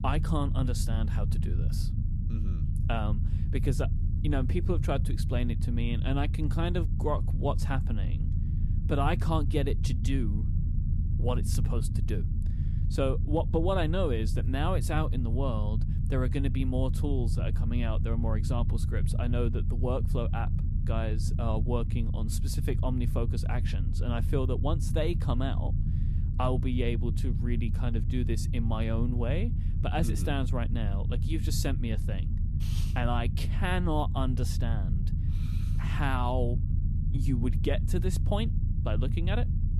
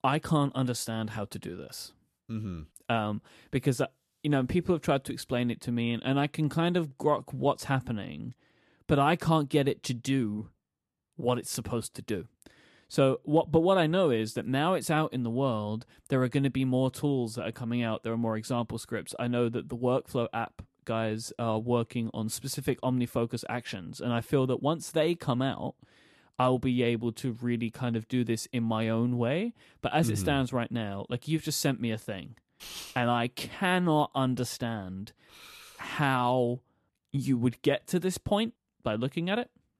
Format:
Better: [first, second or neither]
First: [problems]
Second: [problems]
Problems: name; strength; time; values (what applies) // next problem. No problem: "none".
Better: second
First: low rumble; loud; throughout; 9 dB below the speech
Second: none